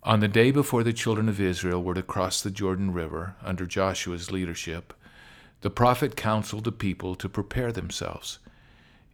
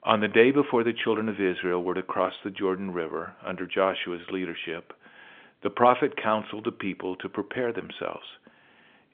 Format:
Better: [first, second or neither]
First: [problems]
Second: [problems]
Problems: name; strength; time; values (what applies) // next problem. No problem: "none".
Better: first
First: none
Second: phone-call audio; nothing above 3.5 kHz